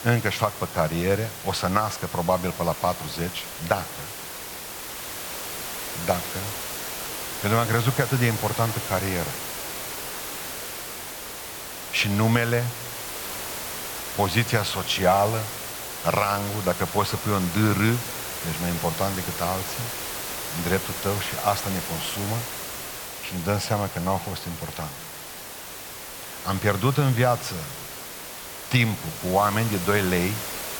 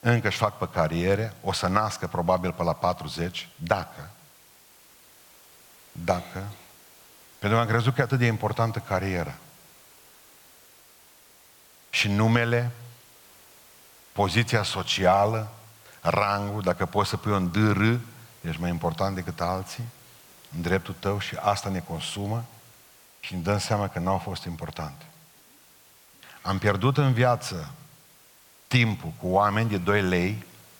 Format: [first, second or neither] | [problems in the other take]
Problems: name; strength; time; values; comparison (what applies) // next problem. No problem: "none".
second | hiss; loud; throughout; 6 dB below the speech; faint in the second